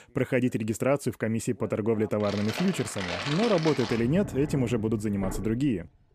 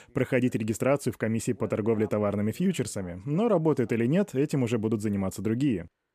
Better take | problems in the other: second | household noises; loud; from 2 s on; 8 dB below the speech

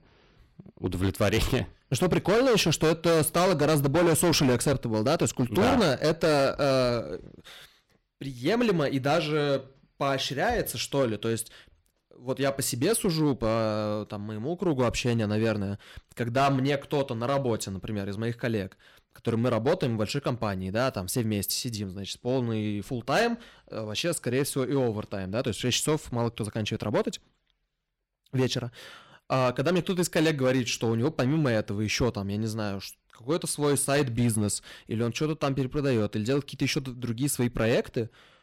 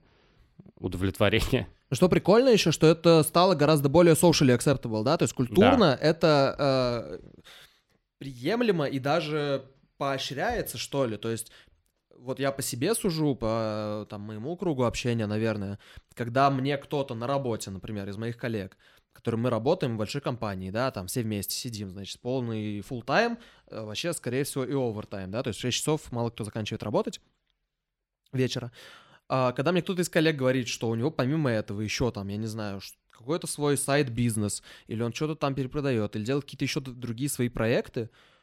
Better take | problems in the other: second | distortion; heavy; 7% of the sound clipped

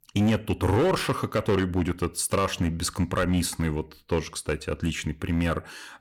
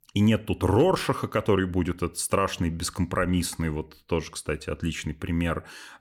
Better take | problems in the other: second | distortion; slight; 7% of the sound clipped

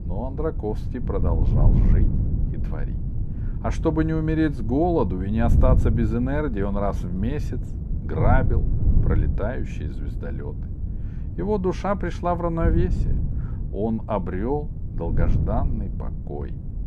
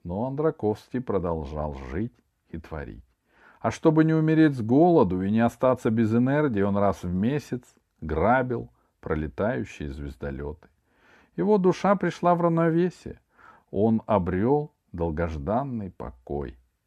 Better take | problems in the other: second | wind noise on the microphone; occasional gusts; 10 dB below the speech

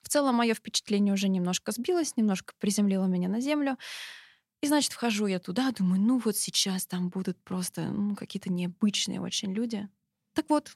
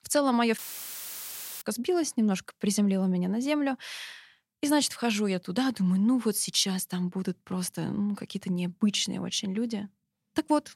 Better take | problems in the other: first | audio cutting out; filled with static; at 0.5 s for 1 s

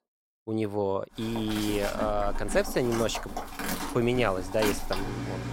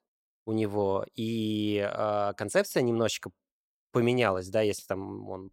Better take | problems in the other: second | animal sounds; loud; from 1 s on; 6 dB below the speech

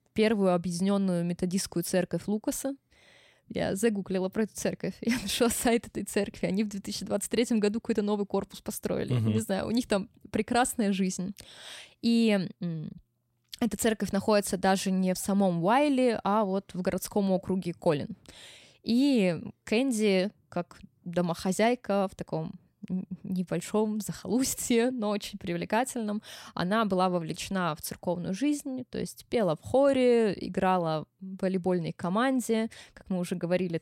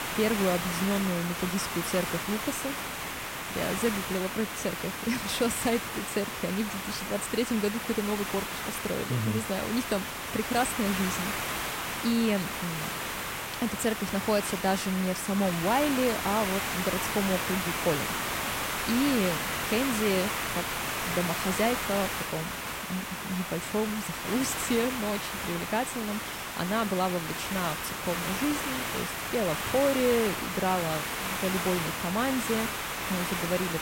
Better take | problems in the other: first | hiss; loud; throughout; 1 dB below the speech

